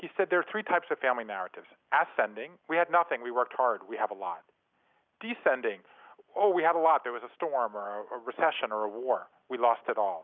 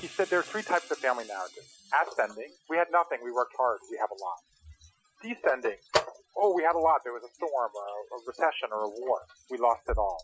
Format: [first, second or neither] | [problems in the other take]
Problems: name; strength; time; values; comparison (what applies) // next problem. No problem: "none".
first | noise reduction (classical method Wiener filter)